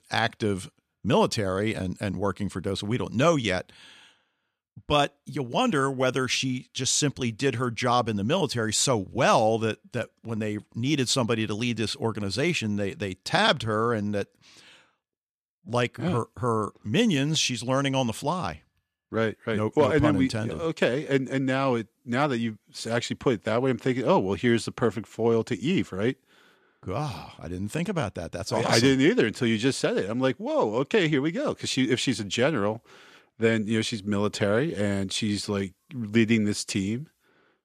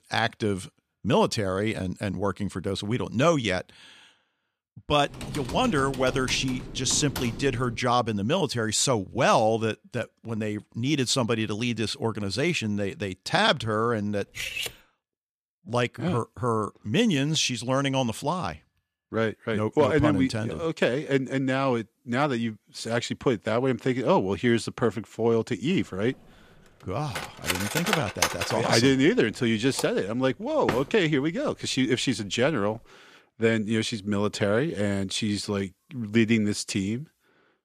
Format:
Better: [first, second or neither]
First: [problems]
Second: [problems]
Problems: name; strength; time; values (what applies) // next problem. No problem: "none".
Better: first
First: none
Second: keyboard typing; noticeable; from 5 to 8 s; peak 8 dB below the speech // clattering dishes; noticeable; at 14 s; peak 4 dB below the speech // clattering dishes; loud; from 27 to 31 s; peak 1 dB above the speech